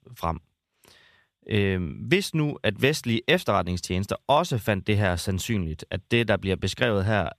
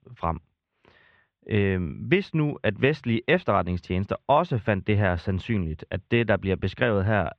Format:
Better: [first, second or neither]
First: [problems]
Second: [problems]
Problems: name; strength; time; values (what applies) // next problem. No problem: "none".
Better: first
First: none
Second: muffled; very; fading above 2.5 kHz